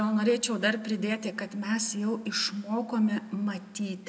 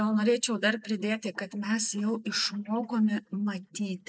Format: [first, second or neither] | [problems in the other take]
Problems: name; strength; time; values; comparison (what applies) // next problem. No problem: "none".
first | noise reduction (neural mask model Resemble Enhance denoiser)